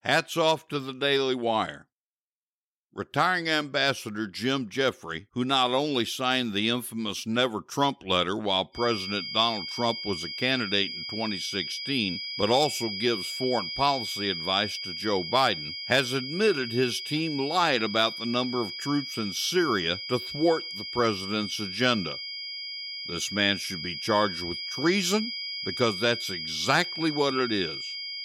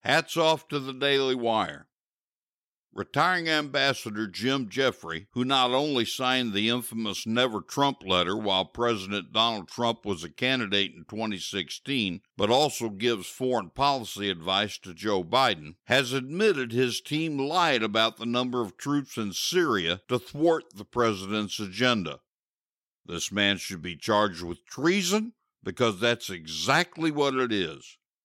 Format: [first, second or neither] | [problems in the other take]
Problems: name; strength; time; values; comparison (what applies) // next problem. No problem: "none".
second | high-pitched whine; loud; from 9 s on; 5 kHz, 6 dB below the speech